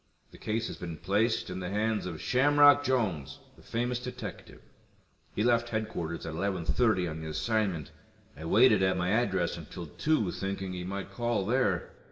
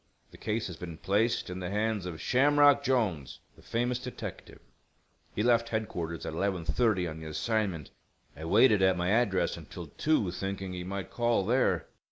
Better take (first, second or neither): second